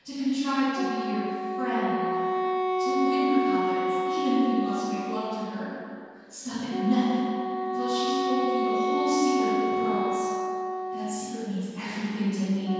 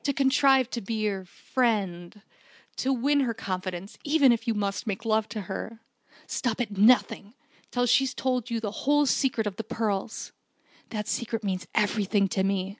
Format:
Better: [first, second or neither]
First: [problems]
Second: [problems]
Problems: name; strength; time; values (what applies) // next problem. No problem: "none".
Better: second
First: background sound (Wind instrument, woodwind instrument); as loud as the speech // room echo; dies away in 2.1 s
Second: none